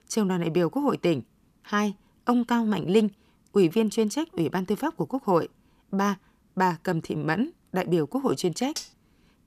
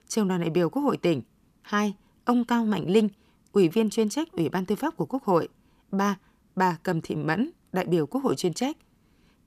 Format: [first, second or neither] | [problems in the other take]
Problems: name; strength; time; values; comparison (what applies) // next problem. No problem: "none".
second | clattering dishes; noticeable; at 9 s; peak 10 dB below the speech